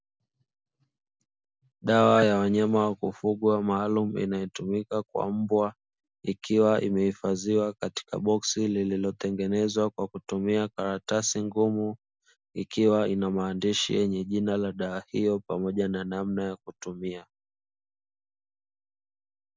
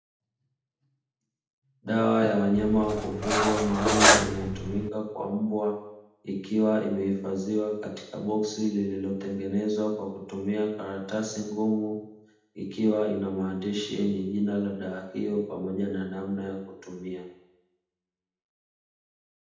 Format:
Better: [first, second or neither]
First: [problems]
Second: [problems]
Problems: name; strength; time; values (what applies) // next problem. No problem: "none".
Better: first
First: none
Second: background sound (Cutlery, silverware); 4 dB above the speech // room echo; dies away in 0.8 s